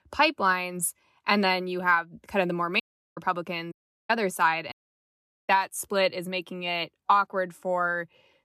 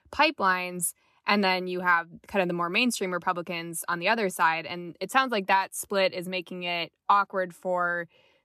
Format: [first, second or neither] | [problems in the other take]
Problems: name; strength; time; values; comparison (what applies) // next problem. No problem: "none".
second | audio cutting out; at 3 s, at 3.5 s and at 4.5 s for 1 s